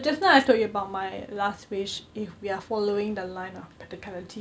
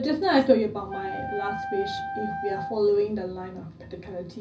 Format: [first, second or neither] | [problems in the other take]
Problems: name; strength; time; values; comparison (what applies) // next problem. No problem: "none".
first | background sound (Wind instrument, woodwind instrument); 8 dB below the speech // room echo; dies away in 0.4 s